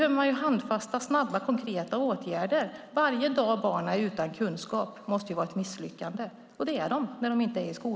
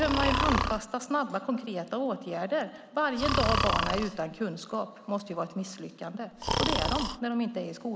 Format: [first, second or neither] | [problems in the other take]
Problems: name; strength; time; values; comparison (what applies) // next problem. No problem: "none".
first | background sound (Breathing); 2 dB below the speech